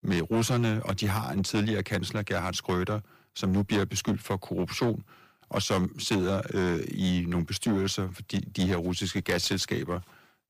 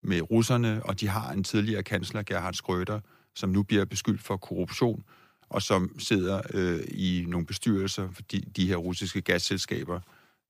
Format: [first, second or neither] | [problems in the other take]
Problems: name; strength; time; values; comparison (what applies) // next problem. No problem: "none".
second | distortion; slight; 10% of the sound clipped